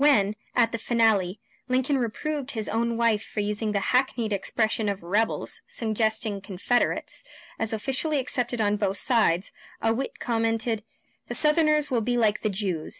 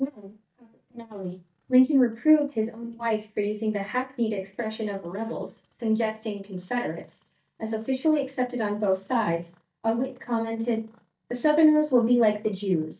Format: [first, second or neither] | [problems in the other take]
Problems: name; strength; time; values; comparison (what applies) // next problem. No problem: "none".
first | noise reduction (neural mask model DeepFilterNet 3)